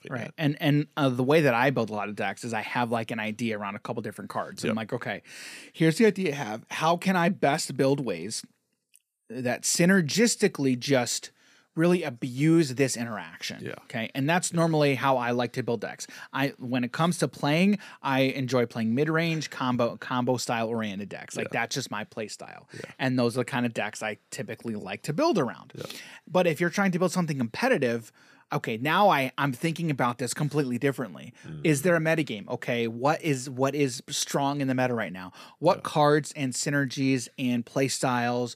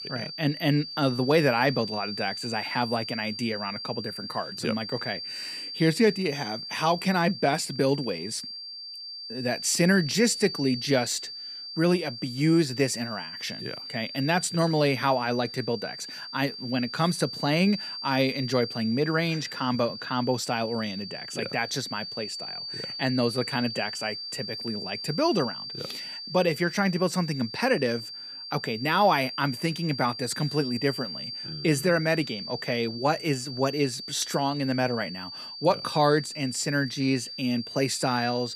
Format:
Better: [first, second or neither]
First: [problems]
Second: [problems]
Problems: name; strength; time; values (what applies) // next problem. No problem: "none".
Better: first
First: none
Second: high-pitched whine; loud; throughout; 4.5 kHz, 8 dB below the speech